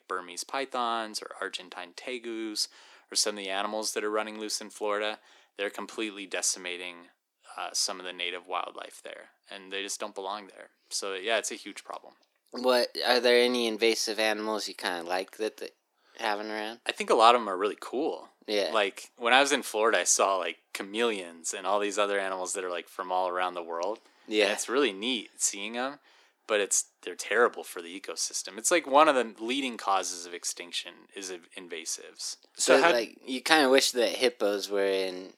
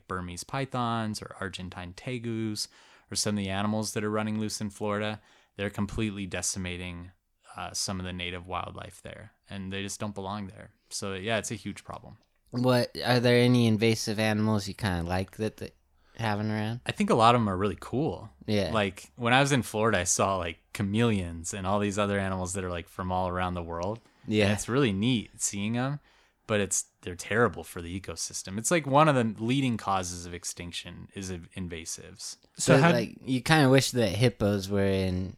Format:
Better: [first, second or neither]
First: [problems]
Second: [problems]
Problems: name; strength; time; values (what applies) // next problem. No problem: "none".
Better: second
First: thin; somewhat; fading below 300 Hz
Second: none